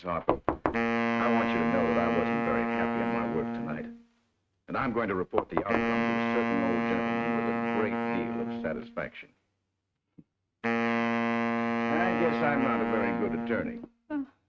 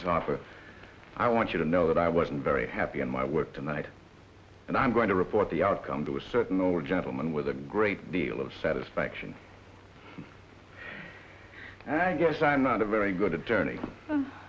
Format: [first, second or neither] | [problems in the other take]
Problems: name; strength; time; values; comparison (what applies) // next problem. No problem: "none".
second | noise reduction (neural mask model RNNoise)